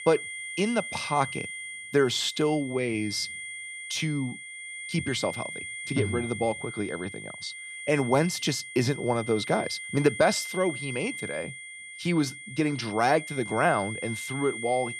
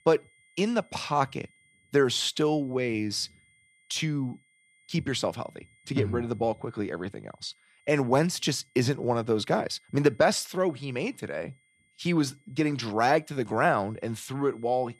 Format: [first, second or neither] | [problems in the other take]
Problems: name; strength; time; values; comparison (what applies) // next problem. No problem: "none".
second | high-pitched whine; loud; throughout; 2 kHz, 9 dB below the speech; faint in the second